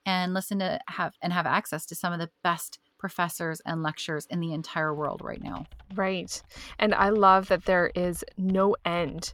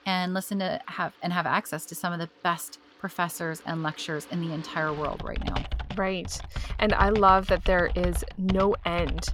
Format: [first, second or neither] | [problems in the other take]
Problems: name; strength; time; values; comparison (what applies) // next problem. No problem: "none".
first | household noises; loud; throughout; 8 dB below the speech; faint in the first